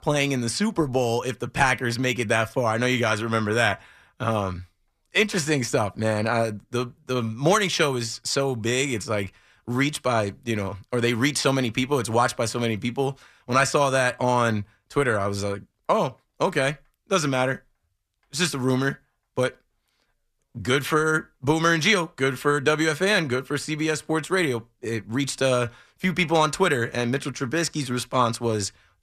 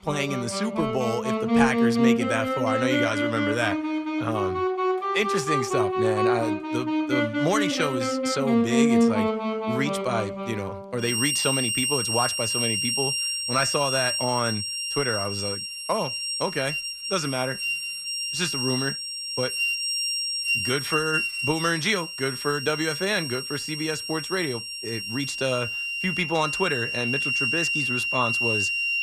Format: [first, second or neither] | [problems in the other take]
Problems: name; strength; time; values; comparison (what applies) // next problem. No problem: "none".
first | background music; very loud; throughout; 3 dB above the speech